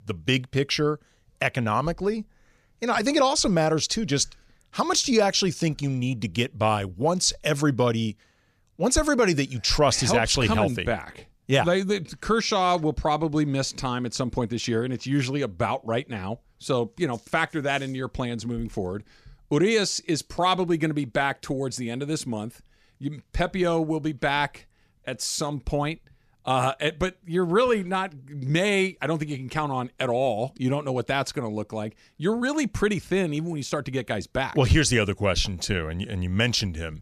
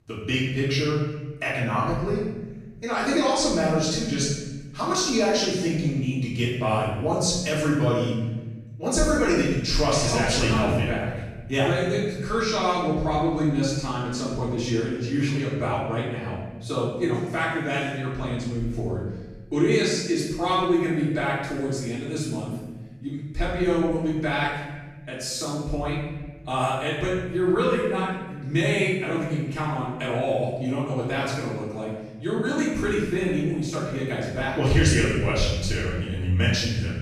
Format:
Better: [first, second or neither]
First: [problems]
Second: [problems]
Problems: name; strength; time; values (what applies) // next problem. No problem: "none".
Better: first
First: none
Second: off-mic speech; far // room echo; strong; dies away in 1.2 s